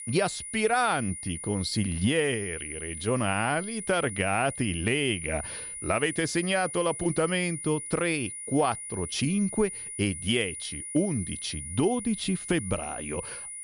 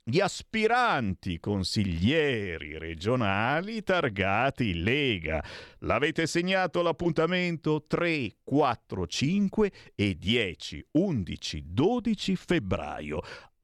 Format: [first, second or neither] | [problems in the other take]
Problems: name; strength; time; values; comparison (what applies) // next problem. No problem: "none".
second | high-pitched whine; loud; throughout; 9.5 kHz, 7 dB below the speech